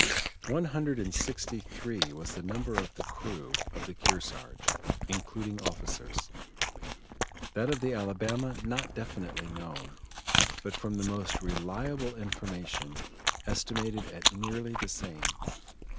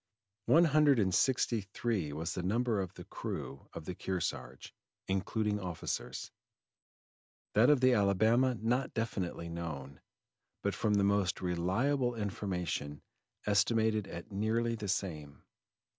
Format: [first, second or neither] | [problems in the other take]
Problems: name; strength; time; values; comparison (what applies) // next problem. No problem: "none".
second | background sound (Chewing, mastication); 2 dB above the speech